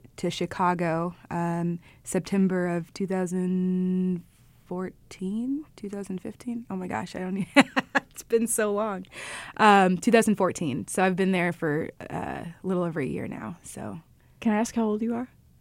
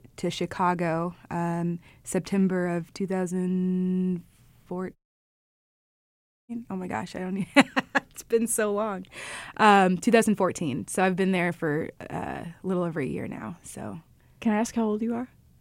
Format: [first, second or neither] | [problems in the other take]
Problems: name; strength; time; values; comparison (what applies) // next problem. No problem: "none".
first | audio cutting out; at 5 s for 1.5 s